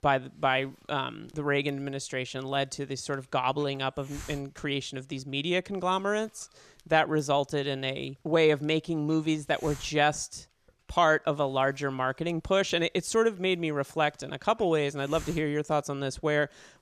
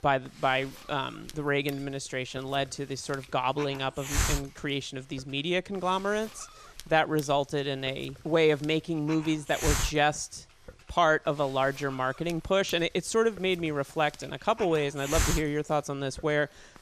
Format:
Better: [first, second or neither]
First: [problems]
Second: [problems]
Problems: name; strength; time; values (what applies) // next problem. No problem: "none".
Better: first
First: hiss; faint; throughout; 25 dB below the speech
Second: hiss; loud; throughout; 8 dB below the speech